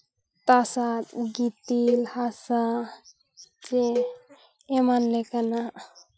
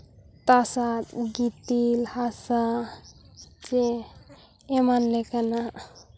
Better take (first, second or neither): second